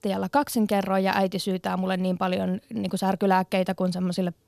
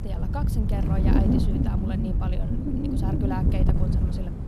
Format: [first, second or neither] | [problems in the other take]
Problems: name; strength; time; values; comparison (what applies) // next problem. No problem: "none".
first | wind noise on the microphone; heavy; 4 dB above the speech